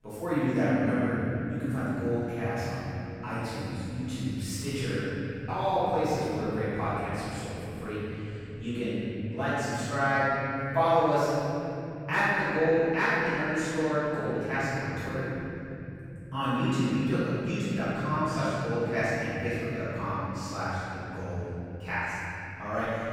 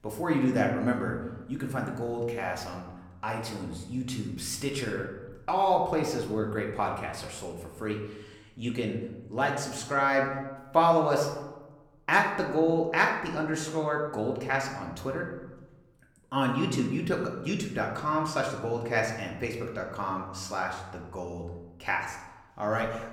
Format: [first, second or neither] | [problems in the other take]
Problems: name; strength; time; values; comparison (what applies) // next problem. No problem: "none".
second | room echo; strong; dies away in 3 s; slight in the second // off-mic speech; far; somewhat distant in the second